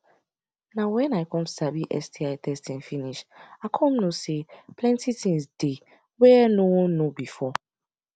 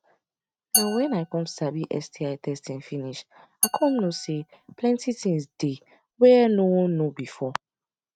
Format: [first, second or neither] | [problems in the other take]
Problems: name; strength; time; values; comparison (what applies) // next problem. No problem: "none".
first | noise reduction (neural mask model RNNoise)